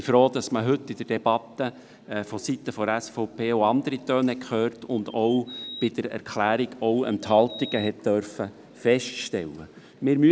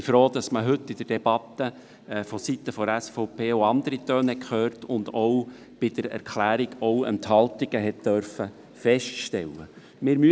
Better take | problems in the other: second | background sound (Bird vocalization, bird call, bird song); 16 dB below the speech

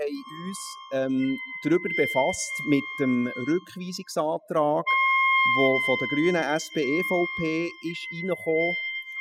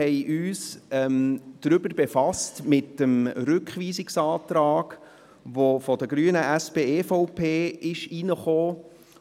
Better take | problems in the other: second | noise reduction (classical method spectral subtraction)

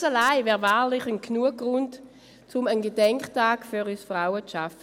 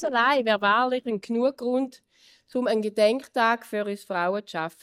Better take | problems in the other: first | noise reduction (neural mask model DeepFilterNet 3)

